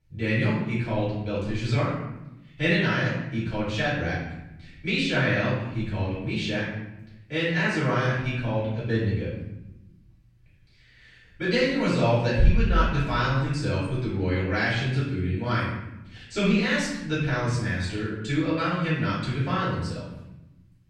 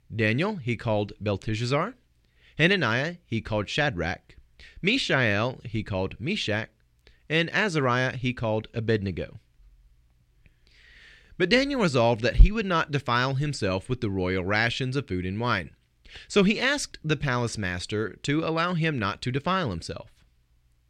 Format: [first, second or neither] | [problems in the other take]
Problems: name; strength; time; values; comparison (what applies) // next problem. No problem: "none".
second | off-mic speech; far // room echo; noticeable; dies away in 1 s